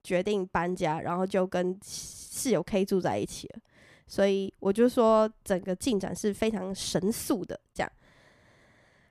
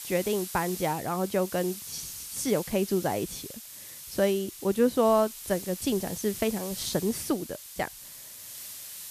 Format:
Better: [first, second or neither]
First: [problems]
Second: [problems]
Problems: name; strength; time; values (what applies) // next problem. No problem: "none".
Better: first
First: none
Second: hiss; noticeable; throughout; 10 dB below the speech